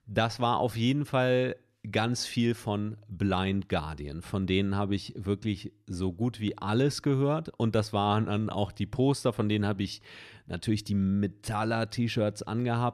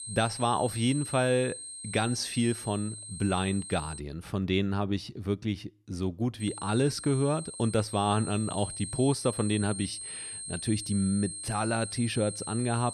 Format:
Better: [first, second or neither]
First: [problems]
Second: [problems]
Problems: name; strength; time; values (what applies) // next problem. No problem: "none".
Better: first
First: none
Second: high-pitched whine; loud; until 4 s and from 6.5 s on; 8.5 kHz, 8 dB below the speech